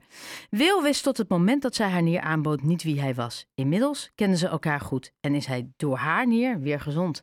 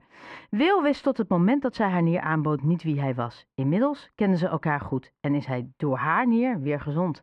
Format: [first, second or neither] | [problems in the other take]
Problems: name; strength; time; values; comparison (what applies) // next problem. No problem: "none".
first | muffled; very; fading above 2 kHz